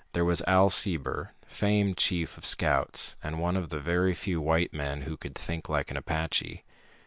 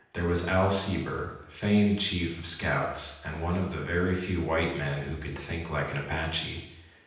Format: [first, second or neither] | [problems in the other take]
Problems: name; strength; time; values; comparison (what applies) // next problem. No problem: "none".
first | room echo; dies away in 0.9 s